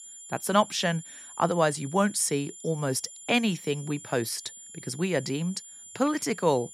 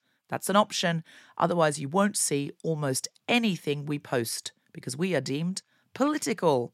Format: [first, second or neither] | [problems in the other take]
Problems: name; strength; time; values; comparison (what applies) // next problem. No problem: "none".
second | high-pitched whine; noticeable; throughout; 7 kHz, 15 dB below the speech